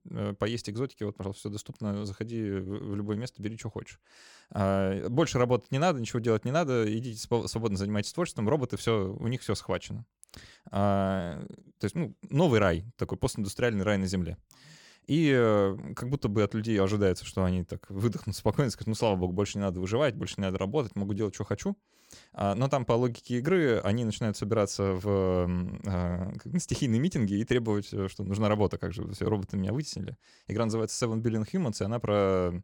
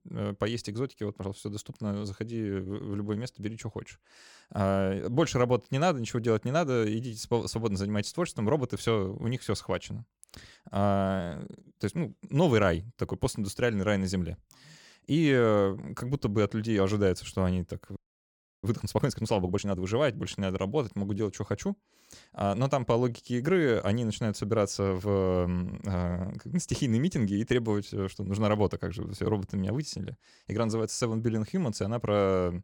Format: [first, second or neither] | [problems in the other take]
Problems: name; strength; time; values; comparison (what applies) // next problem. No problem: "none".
first | audio freezing; at 18 s for 0.5 s